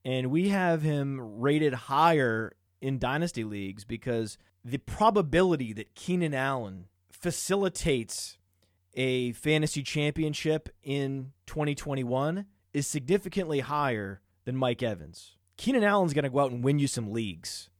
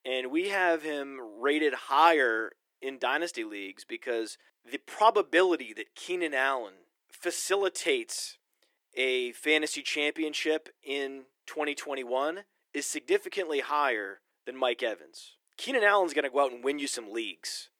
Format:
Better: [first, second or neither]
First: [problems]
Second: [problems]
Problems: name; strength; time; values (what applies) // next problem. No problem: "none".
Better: first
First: none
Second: thin; very; fading below 300 Hz